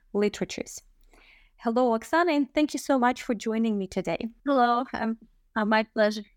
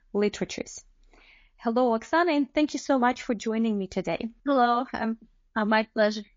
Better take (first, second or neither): first